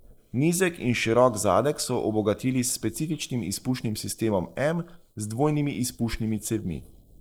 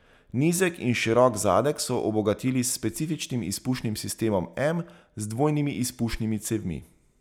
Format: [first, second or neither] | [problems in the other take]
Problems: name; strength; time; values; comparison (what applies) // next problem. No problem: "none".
second | noise reduction (neural mask model Resemble Enhance denoiser)